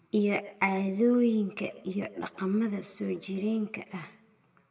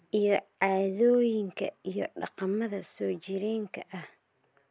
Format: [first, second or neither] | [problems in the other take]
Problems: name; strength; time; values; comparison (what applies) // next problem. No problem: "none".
second | room echo; dies away in 1.1 s